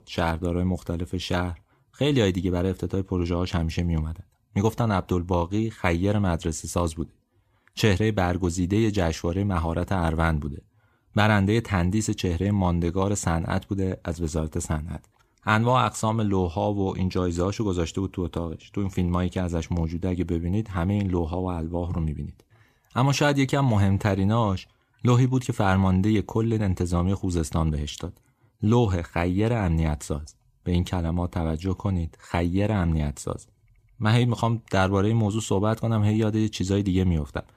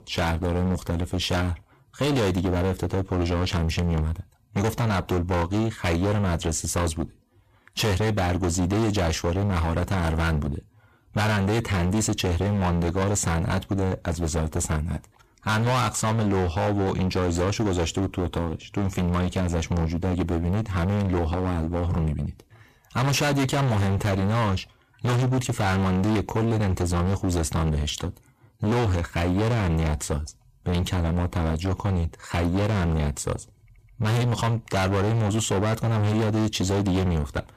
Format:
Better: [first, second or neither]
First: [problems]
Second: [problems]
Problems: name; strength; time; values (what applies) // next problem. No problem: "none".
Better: first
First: none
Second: distortion; heavy; 28% of the sound clipped